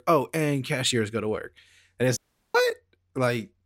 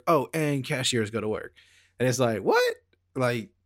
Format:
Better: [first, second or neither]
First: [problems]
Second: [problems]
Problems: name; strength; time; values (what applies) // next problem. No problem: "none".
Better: second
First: audio cutting out; at 2 s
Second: none